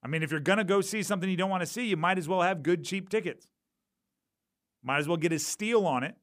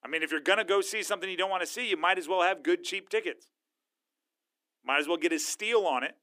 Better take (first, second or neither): first